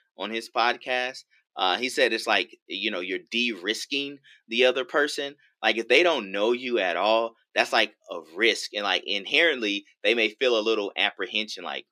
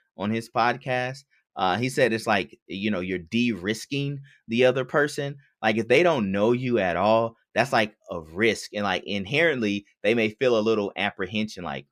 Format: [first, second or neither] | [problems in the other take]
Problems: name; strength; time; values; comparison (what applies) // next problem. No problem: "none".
second | thin; somewhat; fading below 300 Hz